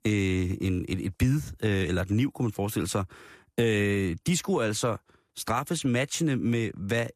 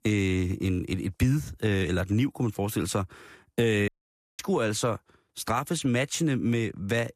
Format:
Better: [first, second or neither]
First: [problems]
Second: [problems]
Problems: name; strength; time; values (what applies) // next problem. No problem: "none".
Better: first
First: none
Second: audio cutting out; at 4 s for 0.5 s